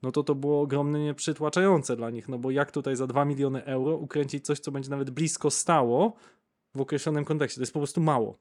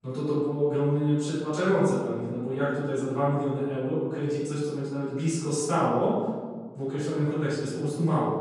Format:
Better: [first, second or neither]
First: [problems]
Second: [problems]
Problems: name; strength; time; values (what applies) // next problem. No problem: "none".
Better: first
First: none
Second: off-mic speech; far // room echo; strong; dies away in 1.5 s